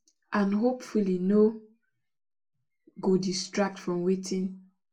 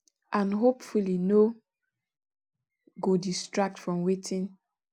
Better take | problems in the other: second | room echo; dies away in 0.2 s

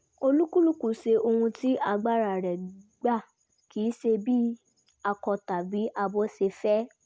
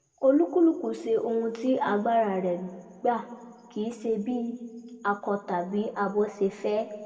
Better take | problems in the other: first | room echo; dies away in 1.5 s

